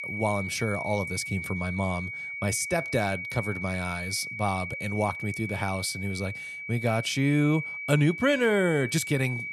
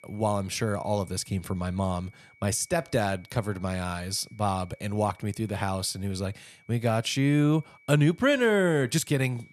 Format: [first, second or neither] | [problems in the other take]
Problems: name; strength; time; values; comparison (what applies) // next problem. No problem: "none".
second | high-pitched whine; loud; throughout; 2.5 kHz, 6 dB below the speech; faint in the second